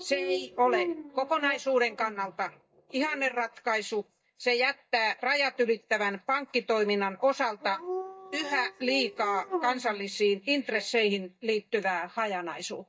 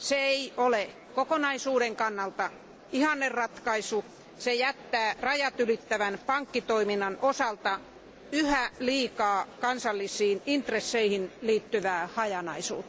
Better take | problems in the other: second | noise reduction (neural mask model DeepFilterNet 3)

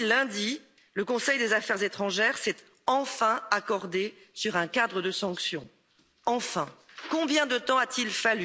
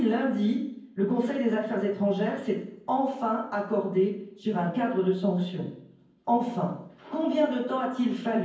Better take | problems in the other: first | room echo; dies away in 0.9 s

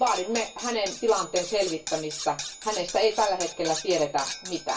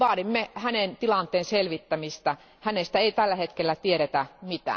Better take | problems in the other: second | background sound (Cutlery, silverware); 10 dB below the speech // room echo; dies away in 0.2 s

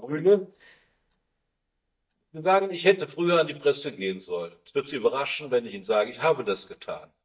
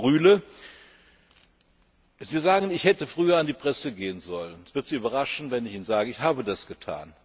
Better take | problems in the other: second | noise reduction (neural mask model DeepFilterNet 3)

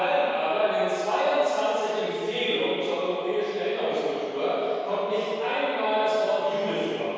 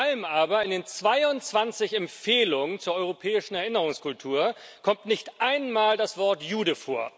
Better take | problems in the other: second | room echo; dies away in 2.2 s

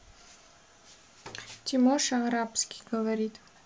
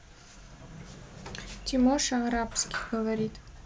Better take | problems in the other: first | background sound (Sliding door); 12 dB below the speech

